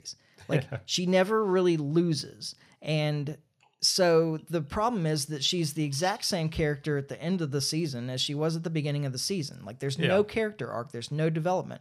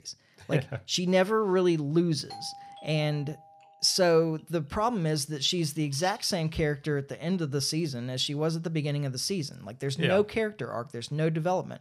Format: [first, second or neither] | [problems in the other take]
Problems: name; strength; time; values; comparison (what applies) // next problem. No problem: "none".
first | doorbell; faint; from 2.5 to 4 s; peak 15 dB below the speech